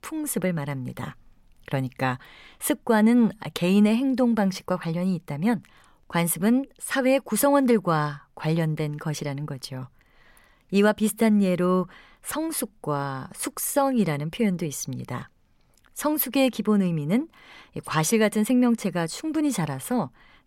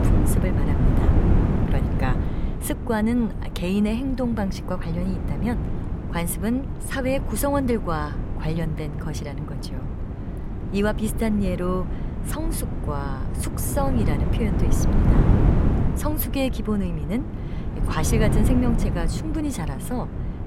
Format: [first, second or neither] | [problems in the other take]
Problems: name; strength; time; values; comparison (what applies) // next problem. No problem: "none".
first | wind noise on the microphone; heavy; 5 dB below the speech